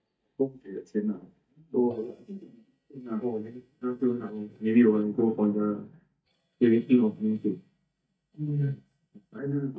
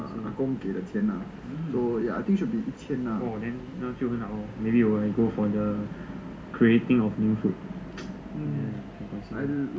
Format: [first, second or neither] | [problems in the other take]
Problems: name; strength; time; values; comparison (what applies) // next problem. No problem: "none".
second | noise reduction (neural mask model DeepFilterNet 3)